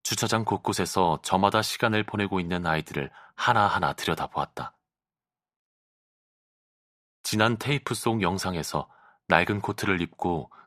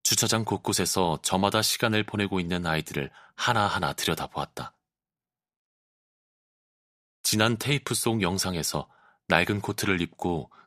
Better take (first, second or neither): second